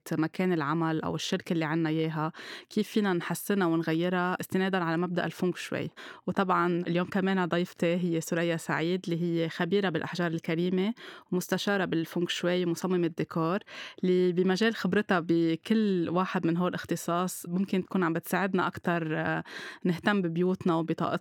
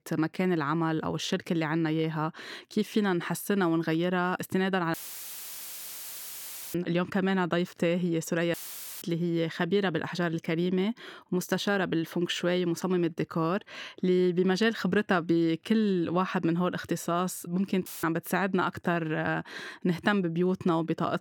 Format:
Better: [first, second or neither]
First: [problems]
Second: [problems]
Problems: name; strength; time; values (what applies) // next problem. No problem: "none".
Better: first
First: none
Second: audio cutting out; filled with static; at 5 s for 2 s, at 8.5 s and at 18 s